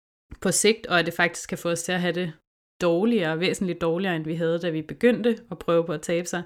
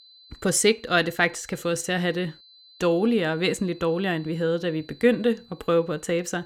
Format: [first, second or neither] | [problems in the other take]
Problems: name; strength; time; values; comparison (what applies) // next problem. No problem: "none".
first | high-pitched whine; faint; throughout; 4 kHz, 25 dB below the speech